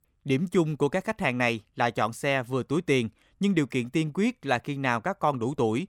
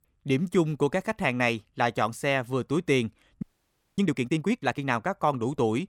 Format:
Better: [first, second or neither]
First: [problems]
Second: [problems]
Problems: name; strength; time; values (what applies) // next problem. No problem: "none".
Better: first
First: none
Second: audio freezing; at 3.5 s for 0.5 s